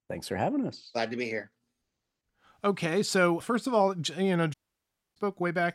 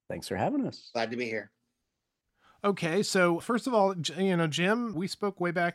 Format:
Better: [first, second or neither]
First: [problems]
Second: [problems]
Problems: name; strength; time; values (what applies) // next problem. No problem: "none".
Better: second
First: audio cutting out; at 4.5 s for 0.5 s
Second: none